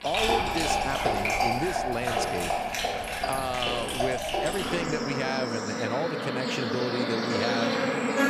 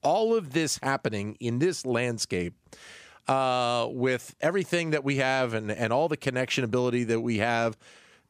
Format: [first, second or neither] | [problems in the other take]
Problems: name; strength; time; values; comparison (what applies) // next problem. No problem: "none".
second | animal sounds; very loud; throughout; 4 dB above the speech